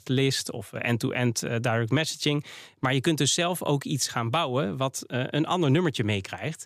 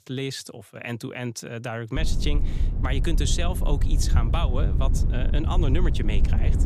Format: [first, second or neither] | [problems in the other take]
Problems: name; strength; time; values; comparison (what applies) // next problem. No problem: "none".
first | low rumble; loud; from 2 s on; 8 dB below the speech